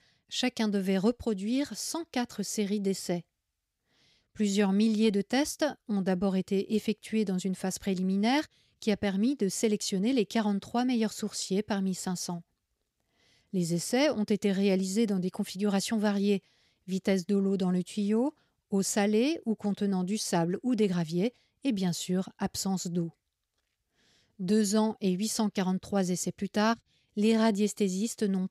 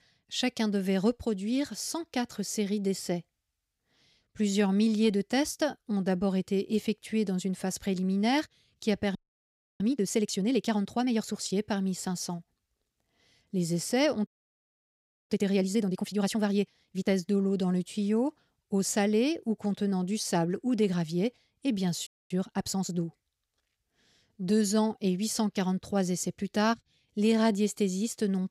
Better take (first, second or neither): first